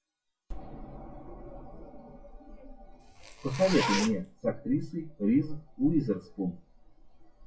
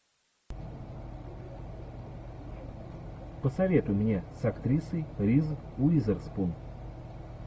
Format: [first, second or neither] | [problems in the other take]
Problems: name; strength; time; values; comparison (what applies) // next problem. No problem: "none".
second | noise reduction (classical method WPE with log-MMSE)